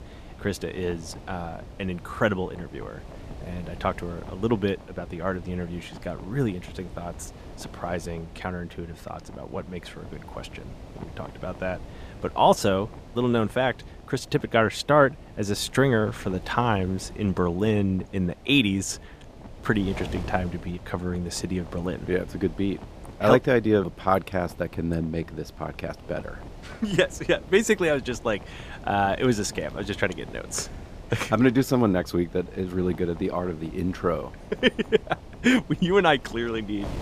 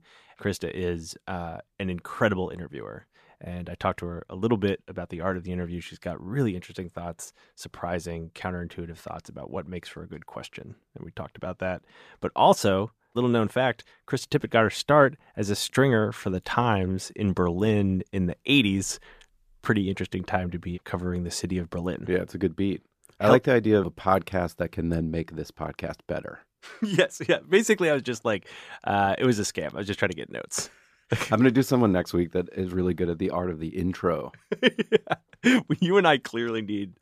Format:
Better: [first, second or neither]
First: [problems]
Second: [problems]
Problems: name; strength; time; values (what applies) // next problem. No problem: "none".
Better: second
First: wind noise on the microphone; occasional gusts; 20 dB below the speech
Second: none